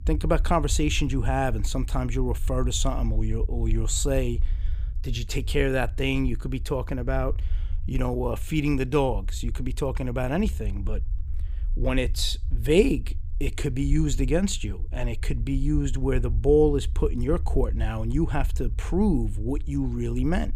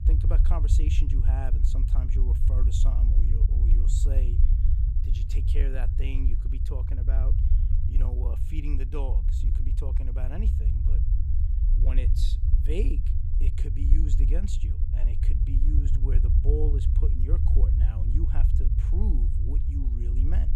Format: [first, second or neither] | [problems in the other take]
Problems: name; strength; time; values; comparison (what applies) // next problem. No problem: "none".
first | low rumble; loud; throughout; 2 dB below the speech; faint in the first